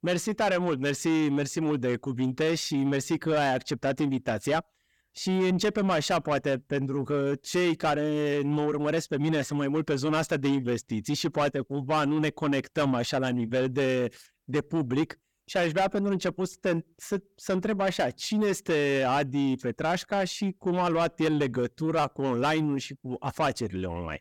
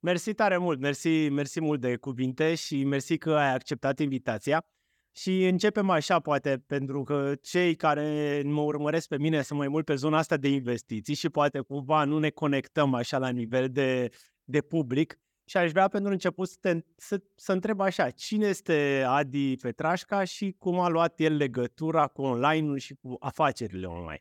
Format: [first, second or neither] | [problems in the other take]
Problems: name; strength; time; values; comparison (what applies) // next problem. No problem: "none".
second | distortion; slight; 10 dB below the speech